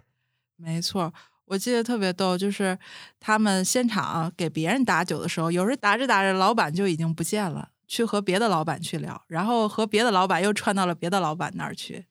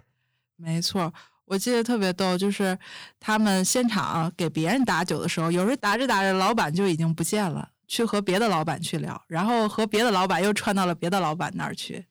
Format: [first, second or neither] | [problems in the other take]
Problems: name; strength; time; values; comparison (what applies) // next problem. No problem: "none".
first | distortion; slight; 8% of the sound clipped